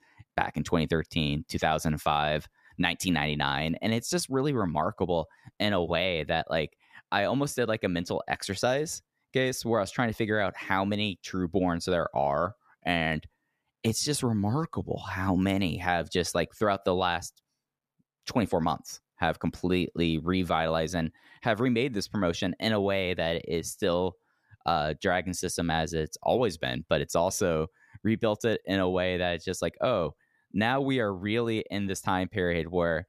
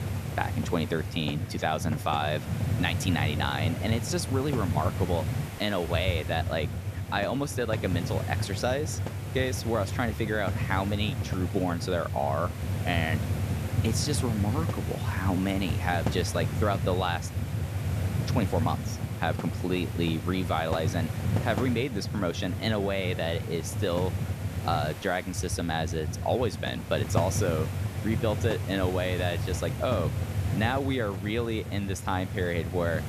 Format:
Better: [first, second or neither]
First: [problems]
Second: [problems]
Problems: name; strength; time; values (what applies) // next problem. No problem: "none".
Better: first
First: none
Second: hiss; loud; throughout; 2 dB below the speech